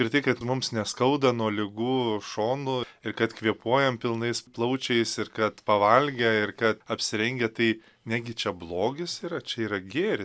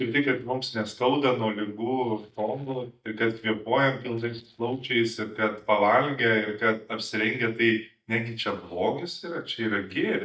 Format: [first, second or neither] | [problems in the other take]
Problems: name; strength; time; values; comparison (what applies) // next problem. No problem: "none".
first | noise reduction (neural mask model DeepFilterNet 3)